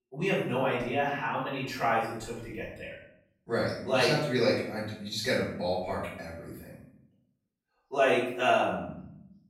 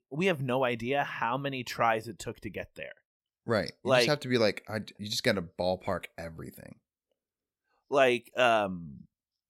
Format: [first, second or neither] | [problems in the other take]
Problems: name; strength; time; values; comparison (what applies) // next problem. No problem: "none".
second | off-mic speech; far // room echo; noticeable; dies away in 0.6 s